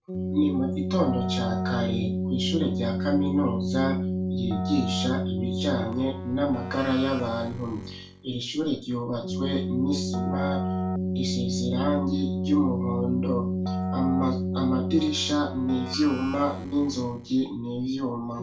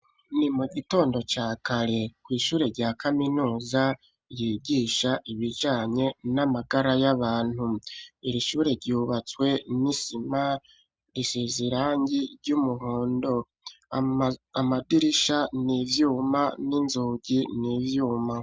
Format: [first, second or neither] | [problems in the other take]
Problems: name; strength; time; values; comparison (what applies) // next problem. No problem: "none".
second | background sound (Keyboard (musical)); 1 dB below the speech // room echo; dies away in 0.3 s